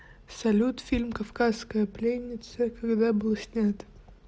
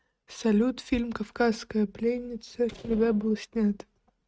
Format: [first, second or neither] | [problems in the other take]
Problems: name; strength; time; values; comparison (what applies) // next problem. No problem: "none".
first | noise reduction (neural mask model RNNoise)